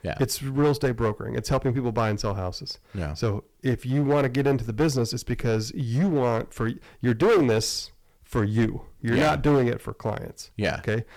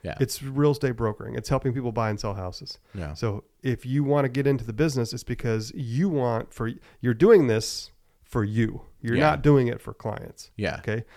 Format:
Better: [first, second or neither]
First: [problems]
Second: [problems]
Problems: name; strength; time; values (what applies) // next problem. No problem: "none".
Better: second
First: distortion; heavy; 9% of the sound clipped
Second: none